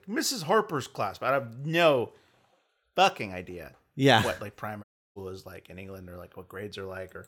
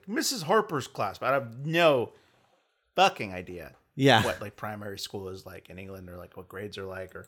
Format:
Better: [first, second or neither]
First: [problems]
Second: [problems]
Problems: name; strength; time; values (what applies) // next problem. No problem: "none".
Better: second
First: audio cutting out; at 5 s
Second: none